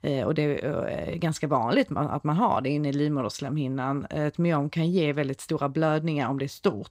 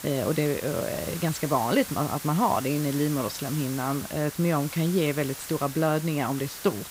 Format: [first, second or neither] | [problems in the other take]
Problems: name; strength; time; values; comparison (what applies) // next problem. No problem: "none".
first | hiss; loud; throughout; 10 dB below the speech